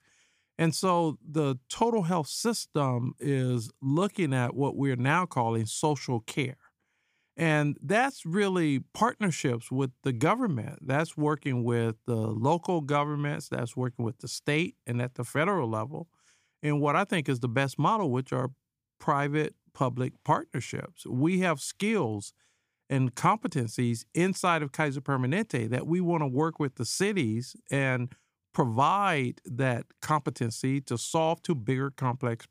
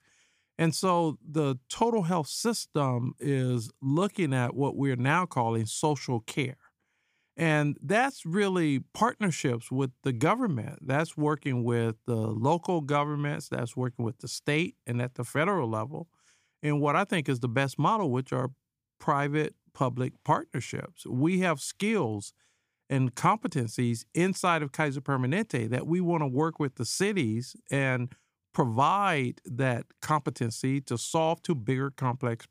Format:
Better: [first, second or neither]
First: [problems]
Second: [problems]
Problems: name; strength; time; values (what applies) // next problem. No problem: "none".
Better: neither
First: none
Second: none